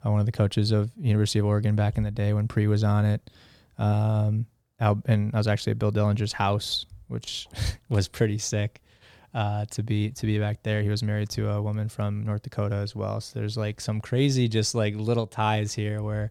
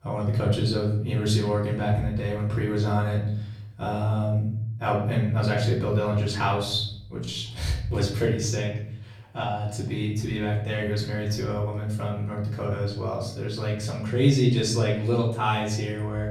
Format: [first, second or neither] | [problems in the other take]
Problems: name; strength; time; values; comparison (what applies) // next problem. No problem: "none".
first | off-mic speech; far // room echo; slight; dies away in 0.7 s